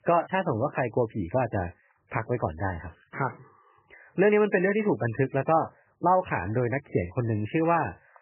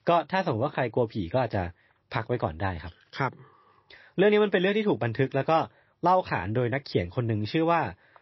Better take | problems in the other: second | garbled, watery; badly; nothing above 3 kHz; slightly in the second

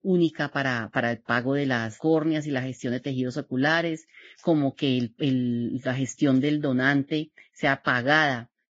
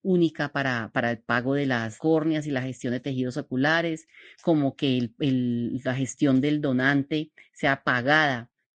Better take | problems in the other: second | garbled, watery; badly; nothing above 7.5 kHz; slightly in the second

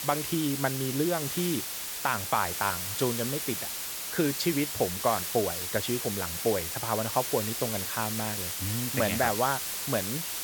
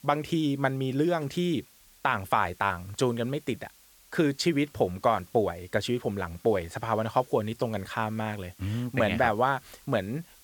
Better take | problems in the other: second | hiss; loud; throughout; 1 dB below the speech; faint in the second

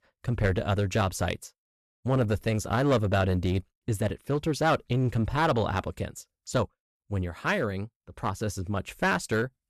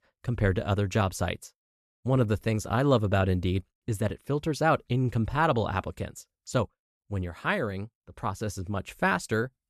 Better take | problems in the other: second | distortion; slight; 6% of the sound clipped

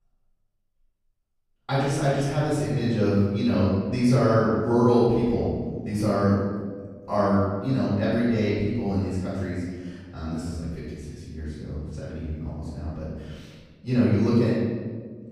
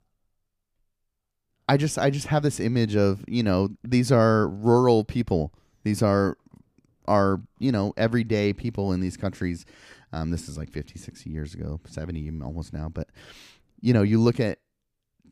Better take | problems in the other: second | off-mic speech; far // room echo; strong; dies away in 1.4 s

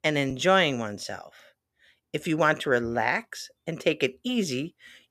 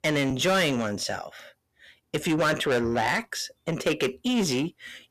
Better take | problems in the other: first | distortion; heavy; 6 dB below the speech

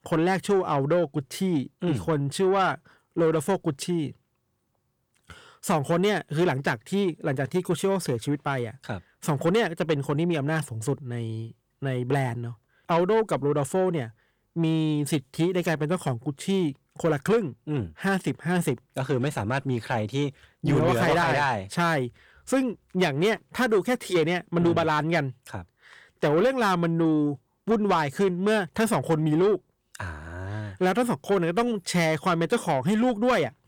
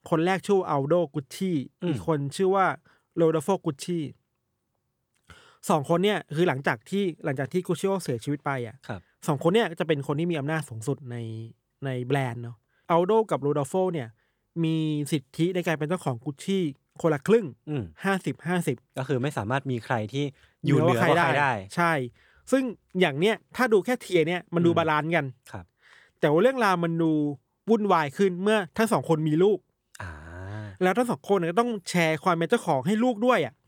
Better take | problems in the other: second | distortion; slight; 10 dB below the speech

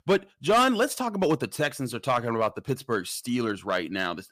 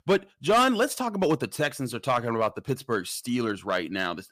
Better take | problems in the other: neither | distortion; slight; 3% of the sound clipped; the same in both

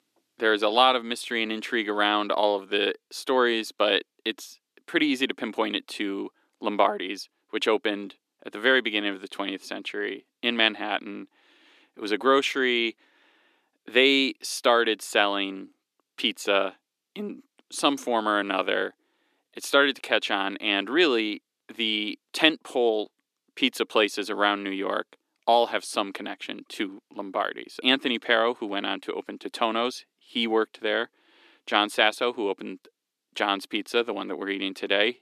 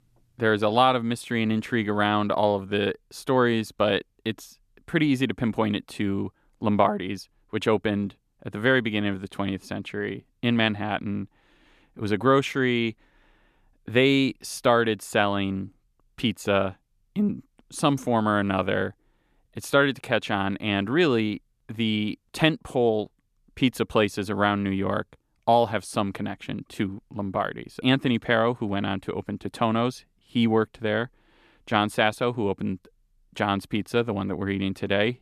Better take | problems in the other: second | thin; very slightly; fading below 300 Hz

